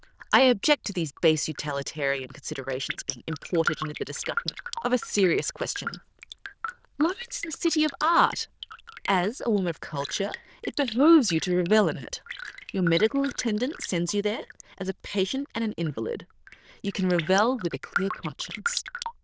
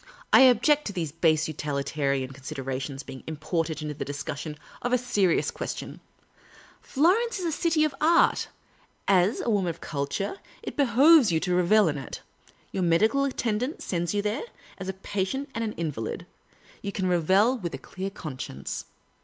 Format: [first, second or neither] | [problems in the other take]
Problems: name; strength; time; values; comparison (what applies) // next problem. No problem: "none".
second | noise reduction (neural diffusion model UNIVERSE++)